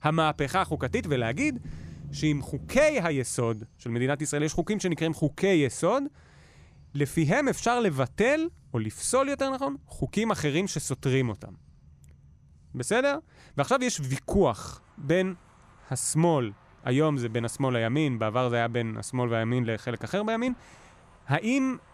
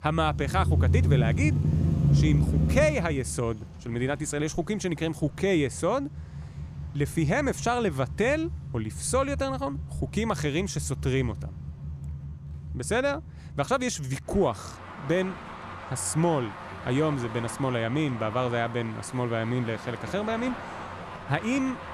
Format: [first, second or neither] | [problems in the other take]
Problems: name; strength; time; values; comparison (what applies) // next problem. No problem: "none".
first | traffic noise; loud; throughout; 3 dB below the speech; faint in the first